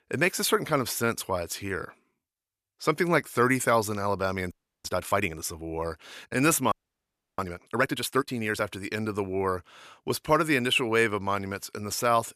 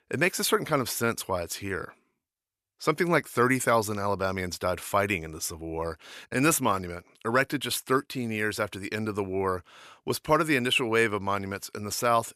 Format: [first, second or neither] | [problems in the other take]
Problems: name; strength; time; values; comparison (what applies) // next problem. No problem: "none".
second | audio freezing; at 4.5 s and at 6.5 s for 0.5 s